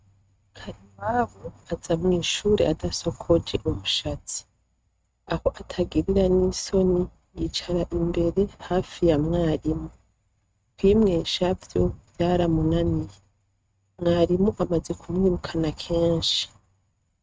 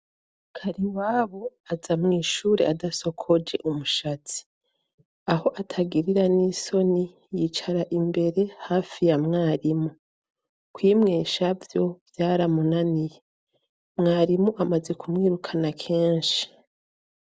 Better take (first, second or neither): second